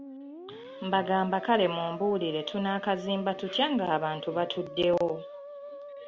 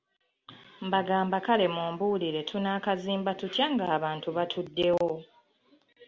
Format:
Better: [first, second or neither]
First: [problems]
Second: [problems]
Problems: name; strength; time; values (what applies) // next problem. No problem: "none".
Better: second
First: background sound (Musical instrument); 13 dB below the speech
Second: none